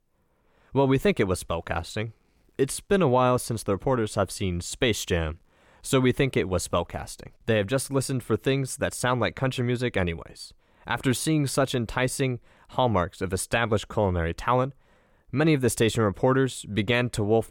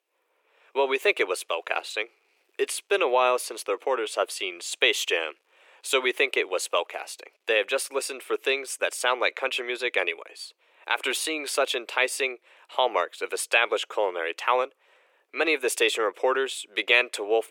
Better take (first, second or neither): first